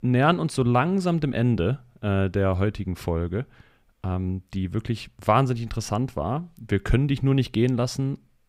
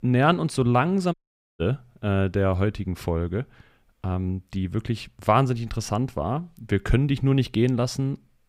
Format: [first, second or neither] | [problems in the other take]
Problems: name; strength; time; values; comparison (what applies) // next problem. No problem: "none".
first | audio cutting out; at 1 s